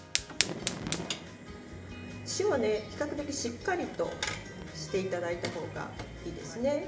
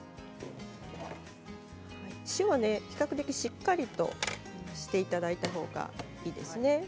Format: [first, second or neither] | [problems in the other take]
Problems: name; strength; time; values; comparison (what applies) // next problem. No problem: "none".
second | background sound (Fire); 6 dB below the speech // room echo; dies away in 0.5 s